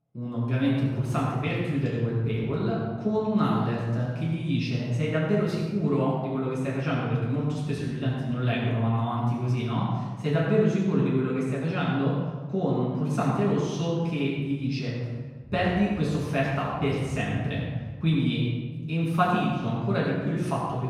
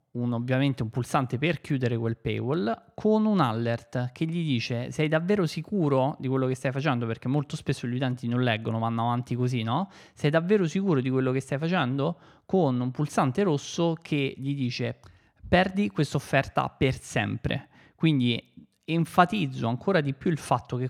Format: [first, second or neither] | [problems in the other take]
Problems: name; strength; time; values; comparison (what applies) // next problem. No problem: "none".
second | off-mic speech; far // room echo; strong; dies away in 1.5 s